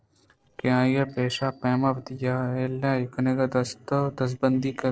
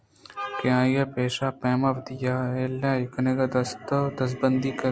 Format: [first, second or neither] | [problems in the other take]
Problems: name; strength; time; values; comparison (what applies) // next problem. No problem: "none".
second | noise reduction (neural separator model SepFormer DNS4)